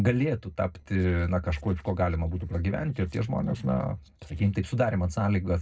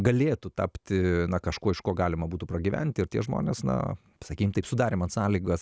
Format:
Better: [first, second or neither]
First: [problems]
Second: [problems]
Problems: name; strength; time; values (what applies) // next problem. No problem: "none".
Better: second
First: noise reduction (neural separator model SepFormer DNS4)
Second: none